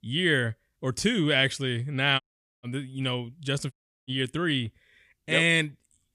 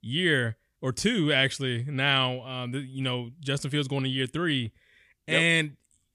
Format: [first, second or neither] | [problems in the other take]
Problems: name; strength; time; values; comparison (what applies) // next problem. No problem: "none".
second | audio cutting out; at 2 s and at 3.5 s